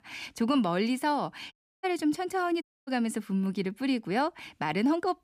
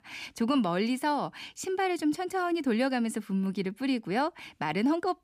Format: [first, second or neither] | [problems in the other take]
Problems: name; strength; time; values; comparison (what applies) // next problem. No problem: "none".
second | audio cutting out; at 1.5 s and at 2.5 s